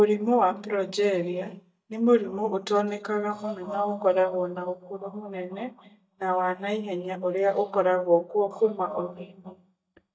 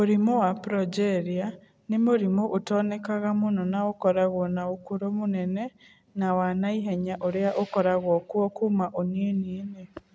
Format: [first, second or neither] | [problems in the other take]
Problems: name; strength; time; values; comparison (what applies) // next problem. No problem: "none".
second | noise reduction (neural mask model DeepFilterNet 3)